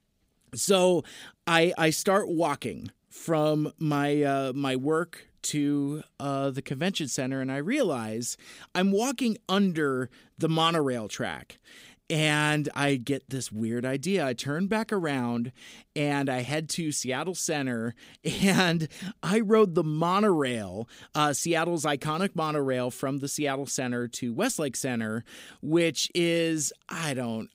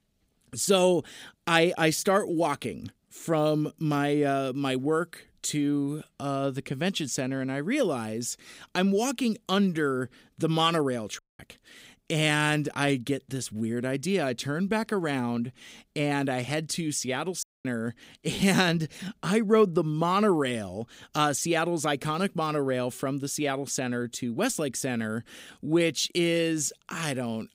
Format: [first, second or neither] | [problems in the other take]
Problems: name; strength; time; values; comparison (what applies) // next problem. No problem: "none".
first | audio cutting out; at 11 s and at 17 s